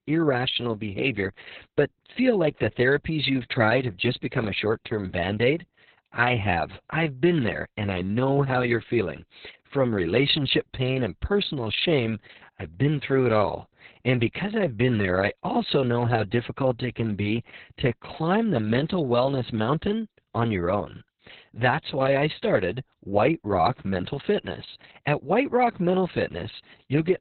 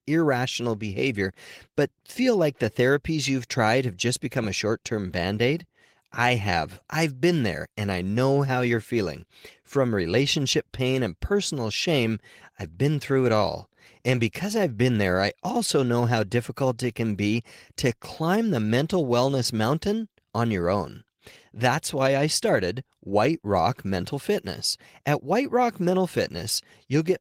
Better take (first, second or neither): second